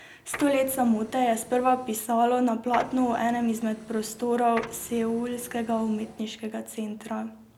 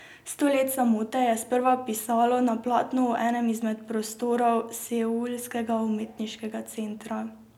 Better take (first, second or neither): second